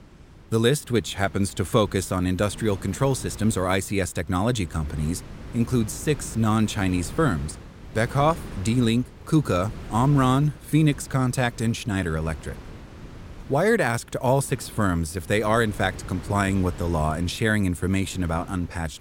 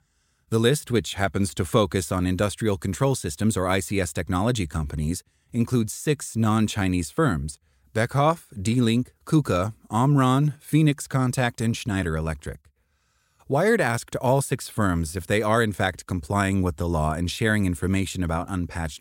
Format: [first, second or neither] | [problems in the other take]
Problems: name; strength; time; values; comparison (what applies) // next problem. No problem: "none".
second | wind noise on the microphone; occasional gusts; 20 dB below the speech